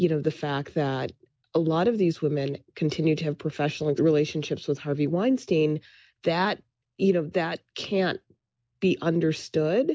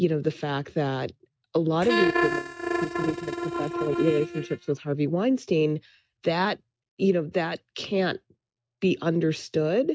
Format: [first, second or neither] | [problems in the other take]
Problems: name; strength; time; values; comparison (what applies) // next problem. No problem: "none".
first | noise reduction (neural mask model RNNoise)